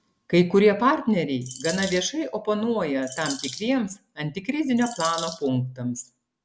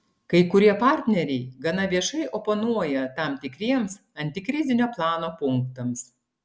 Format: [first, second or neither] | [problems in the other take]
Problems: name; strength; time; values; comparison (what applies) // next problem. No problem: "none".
second | background sound (Bird vocalization, bird call, bird song); 11 dB below the speech